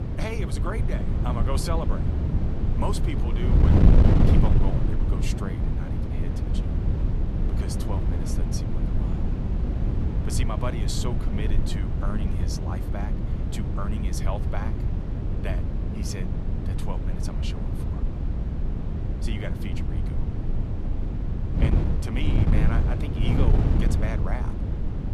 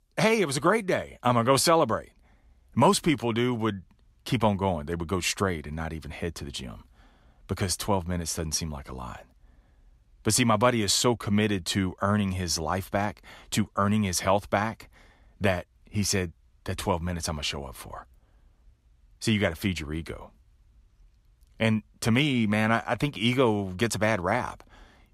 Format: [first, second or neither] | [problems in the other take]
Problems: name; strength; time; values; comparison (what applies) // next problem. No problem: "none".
second | wind noise on the microphone; heavy; as loud as the speech